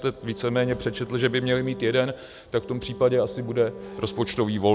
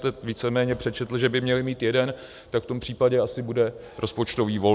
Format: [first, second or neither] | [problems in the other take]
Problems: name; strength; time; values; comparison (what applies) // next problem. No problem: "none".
second | background sound (Bowed string instrument); 16 dB below the speech